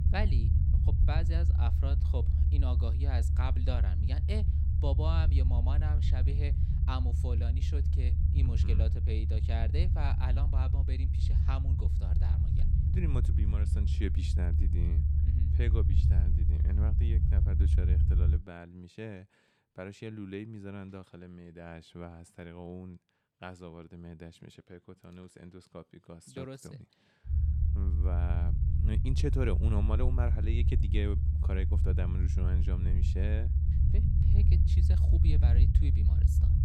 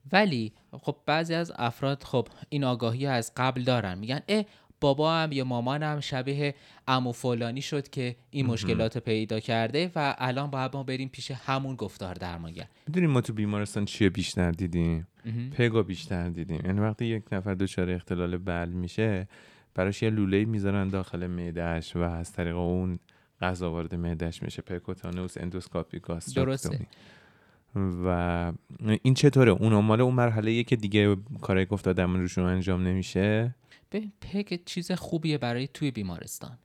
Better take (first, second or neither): second